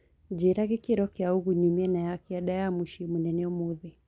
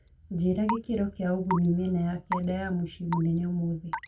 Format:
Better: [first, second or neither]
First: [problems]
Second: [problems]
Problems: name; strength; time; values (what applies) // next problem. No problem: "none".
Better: first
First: none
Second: background sound (Raindrop / Drip / Water tap, faucet); 10 dB below the speech // room echo; dies away in 0.2 s